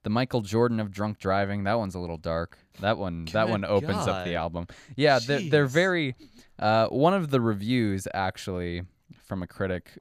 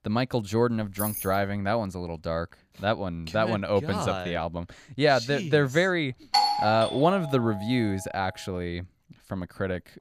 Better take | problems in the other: first | jangling keys; noticeable; at 1 s; peak 5 dB below the speech // doorbell; loud; at 6.5 s; peak 4 dB above the speech

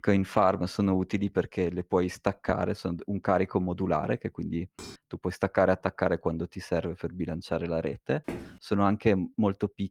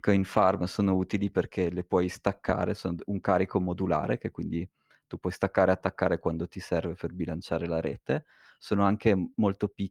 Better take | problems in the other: second | clattering dishes; faint; at 5 s; peak 15 dB below the speech // footsteps; faint; at 8.5 s; peak 10 dB below the speech

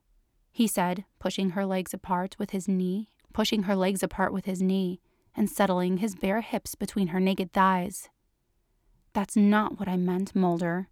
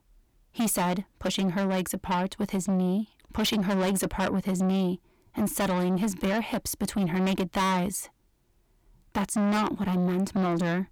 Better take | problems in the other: first | distortion; heavy; 7 dB below the speech

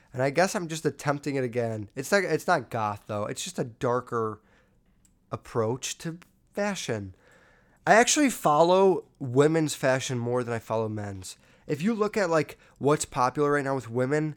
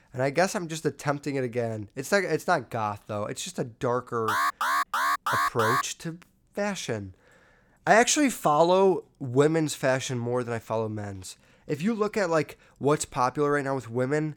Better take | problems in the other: first | alarm; loud; from 4.5 to 6 s; peak 2 dB above the speech

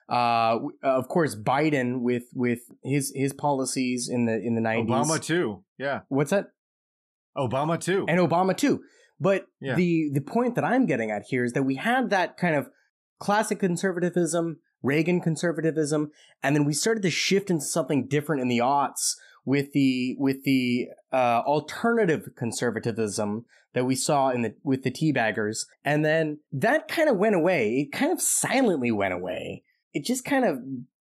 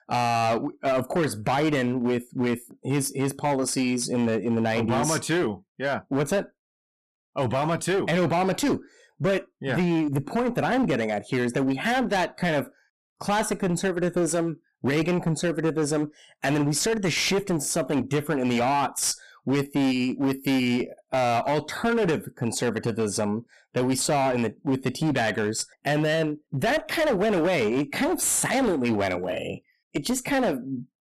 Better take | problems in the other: first | distortion; slight; 17% of the sound clipped

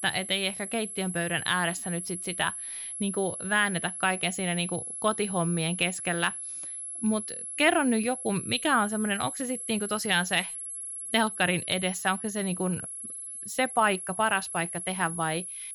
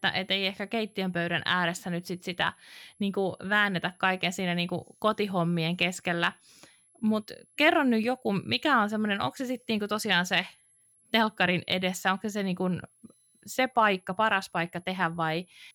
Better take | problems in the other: second | high-pitched whine; loud; throughout; 11 kHz, 6 dB below the speech; faint in the second

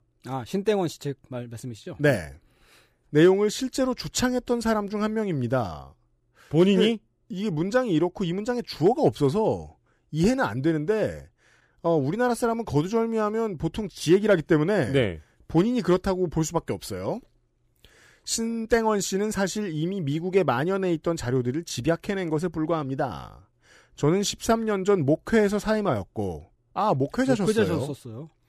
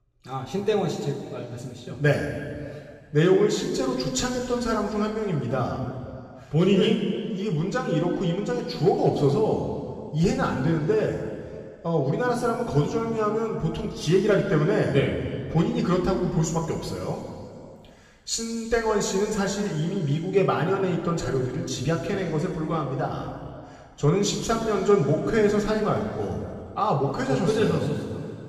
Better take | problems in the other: first | room echo; noticeable; dies away in 2.3 s // off-mic speech; far

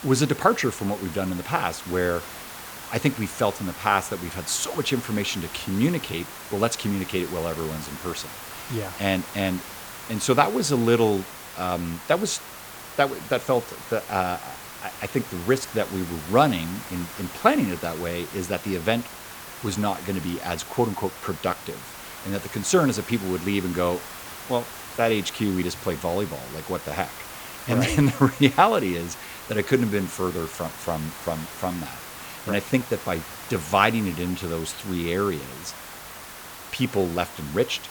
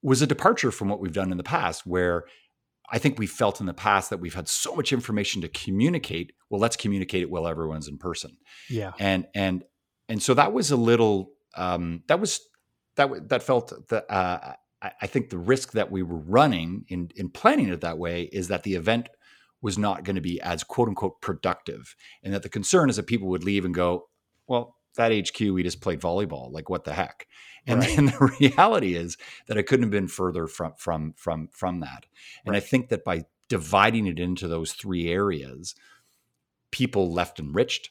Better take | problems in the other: second | hiss; noticeable; throughout; 10 dB below the speech

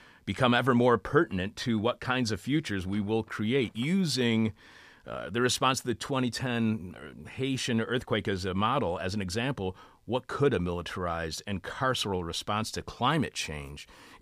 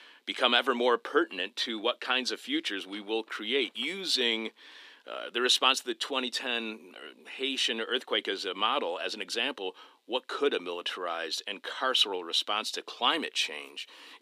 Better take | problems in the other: first | thin; somewhat; fading below 300 Hz

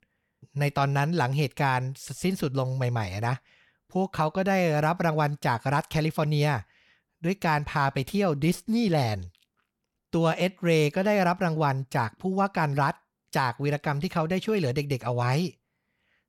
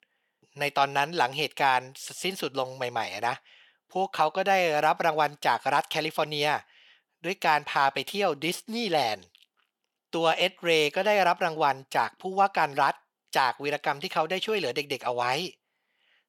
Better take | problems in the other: first | thin; very; fading below 400 Hz

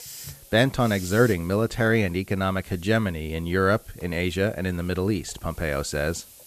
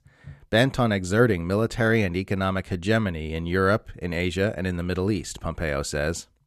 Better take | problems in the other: second | hiss; noticeable; throughout; 20 dB below the speech

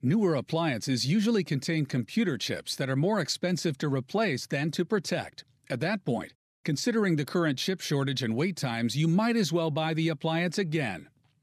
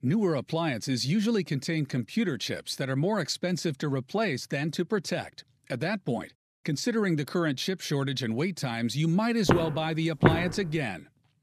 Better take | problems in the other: first | footsteps; loud; at 9.5 s; peak 4 dB above the speech

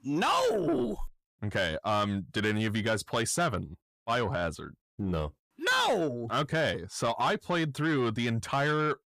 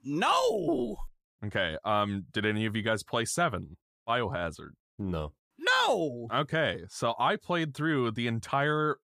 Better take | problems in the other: second | distortion; slight; 10 dB below the speech

